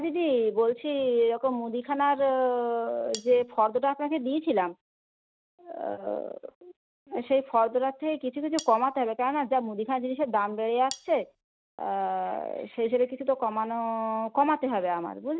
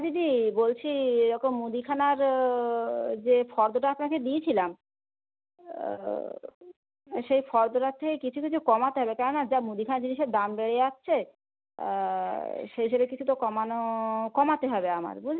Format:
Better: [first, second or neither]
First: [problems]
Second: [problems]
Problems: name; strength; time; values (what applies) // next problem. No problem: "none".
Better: second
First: noise reduction (neural mask model RNNoise)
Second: none